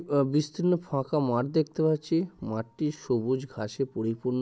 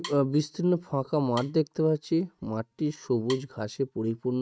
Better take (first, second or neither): first